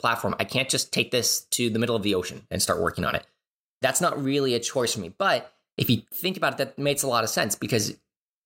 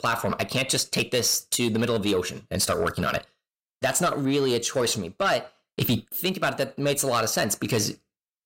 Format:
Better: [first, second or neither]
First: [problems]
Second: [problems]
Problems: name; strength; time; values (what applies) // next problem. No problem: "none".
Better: first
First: none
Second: distortion; slight; 10 dB below the speech